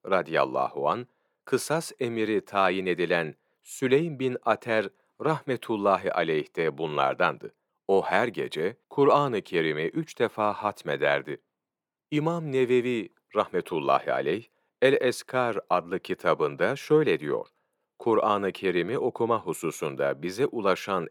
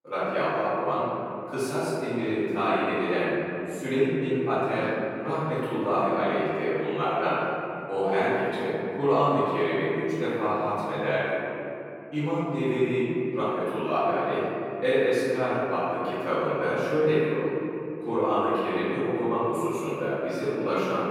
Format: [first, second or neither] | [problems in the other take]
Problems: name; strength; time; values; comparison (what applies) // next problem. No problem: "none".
first | off-mic speech; far // room echo; strong; dies away in 2.8 s